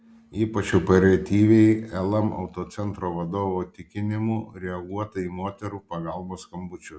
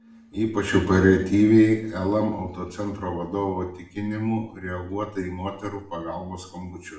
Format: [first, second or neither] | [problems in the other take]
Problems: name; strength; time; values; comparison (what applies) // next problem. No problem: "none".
first | room echo; dies away in 0.5 s